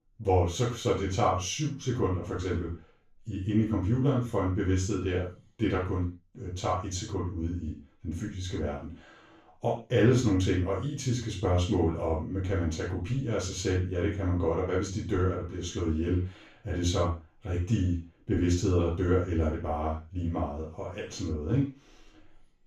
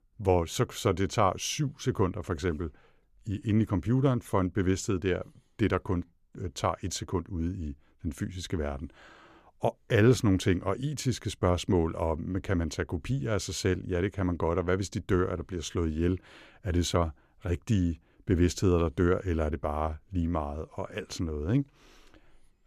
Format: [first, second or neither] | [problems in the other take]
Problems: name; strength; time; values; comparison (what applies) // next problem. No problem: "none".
second | room echo; noticeable; dies away in 0.3 s // off-mic speech; far